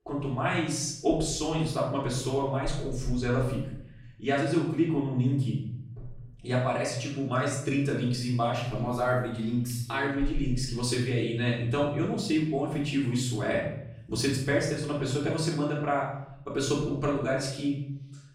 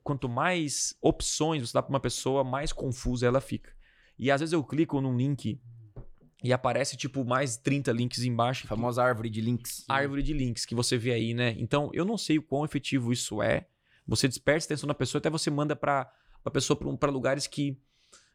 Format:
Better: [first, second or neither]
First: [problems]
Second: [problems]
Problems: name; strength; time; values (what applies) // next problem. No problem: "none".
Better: second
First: off-mic speech; far // room echo; noticeable; dies away in 0.8 s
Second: none